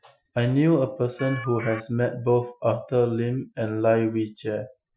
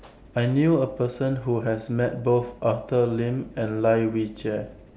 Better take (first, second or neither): second